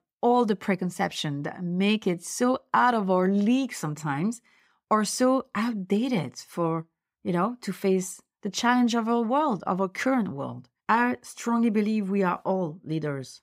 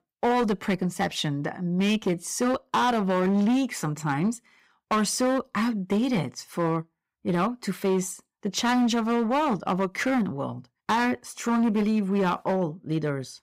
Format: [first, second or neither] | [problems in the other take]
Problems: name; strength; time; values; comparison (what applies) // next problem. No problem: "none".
first | distortion; slight; 10% of the sound clipped